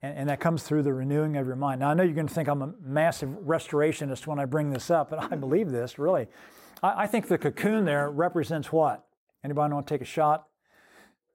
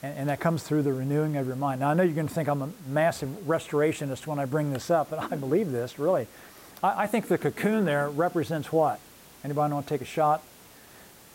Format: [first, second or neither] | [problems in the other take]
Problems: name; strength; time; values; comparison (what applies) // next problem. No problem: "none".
first | hiss; faint; throughout; 25 dB below the speech